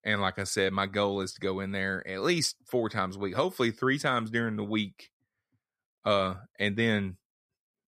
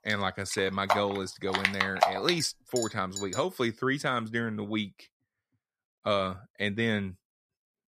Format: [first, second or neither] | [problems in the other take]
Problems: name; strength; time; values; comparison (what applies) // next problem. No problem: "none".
first | household noises; loud; until 3 s; as loud as the speech